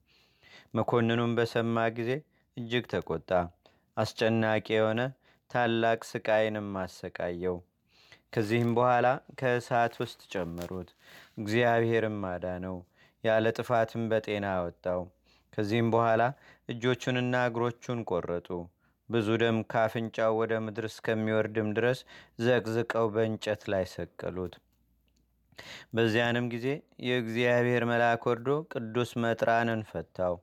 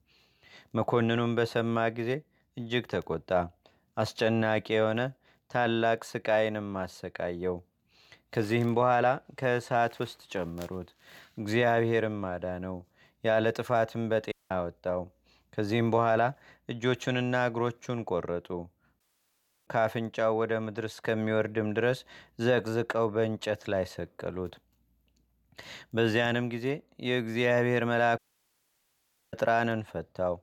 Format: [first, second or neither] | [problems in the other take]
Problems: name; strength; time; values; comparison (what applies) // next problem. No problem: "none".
first | audio cutting out; at 14 s, at 19 s for 0.5 s and at 28 s for 1 s